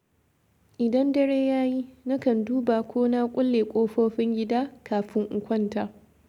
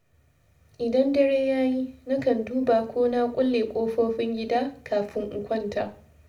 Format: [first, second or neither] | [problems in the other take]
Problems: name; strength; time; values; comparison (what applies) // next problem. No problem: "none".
first | room echo; dies away in 0.3 s